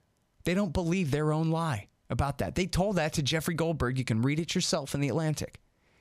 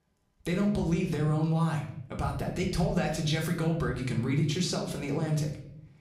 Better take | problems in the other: first | room echo; slight; dies away in 0.6 s // off-mic speech; far

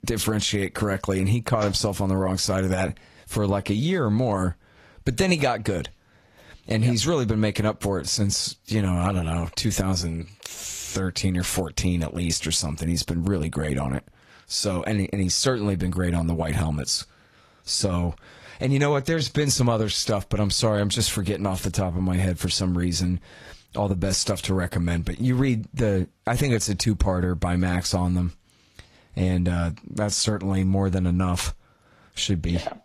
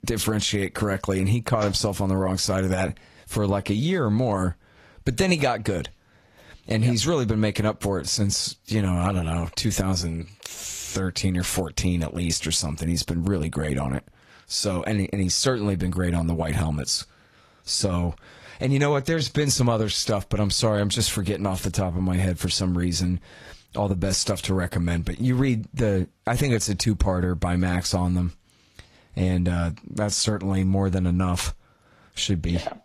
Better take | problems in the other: neither | garbled, watery; slightly; the same in both

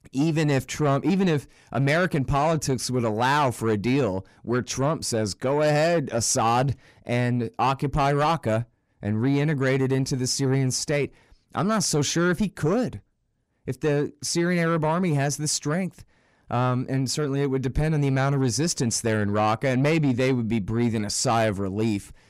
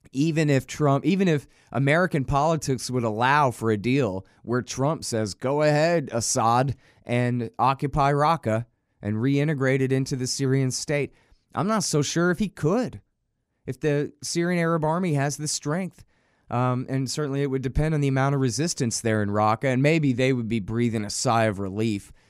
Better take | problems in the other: second | distortion; slight; 10 dB below the speech

